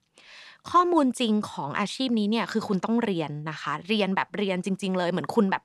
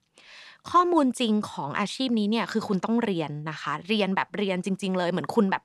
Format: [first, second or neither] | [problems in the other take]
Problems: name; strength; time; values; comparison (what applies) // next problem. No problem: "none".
neither | none